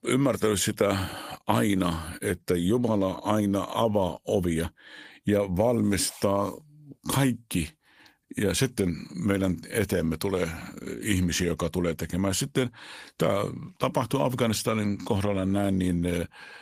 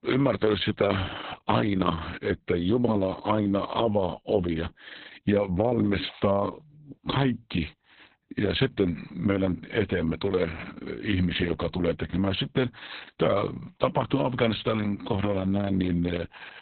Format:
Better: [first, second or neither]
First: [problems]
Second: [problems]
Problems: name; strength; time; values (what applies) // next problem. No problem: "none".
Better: first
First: garbled, watery; slightly; nothing above 15 kHz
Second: garbled, watery; badly; nothing above 4 kHz